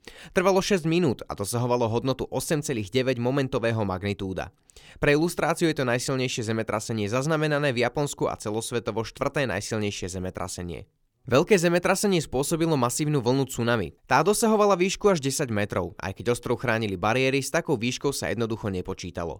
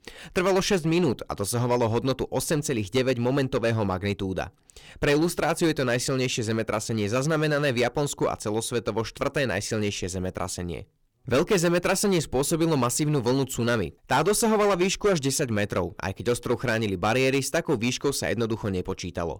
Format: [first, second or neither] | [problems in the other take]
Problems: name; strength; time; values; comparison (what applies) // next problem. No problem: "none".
first | distortion; slight; 7% of the sound clipped